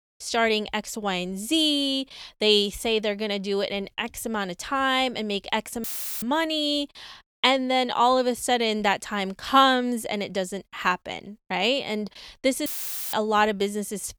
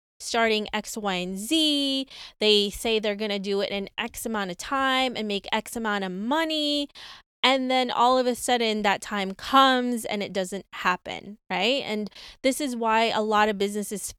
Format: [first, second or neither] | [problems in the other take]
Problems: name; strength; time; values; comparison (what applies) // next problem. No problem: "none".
second | audio cutting out; filled with static; at 6 s and at 13 s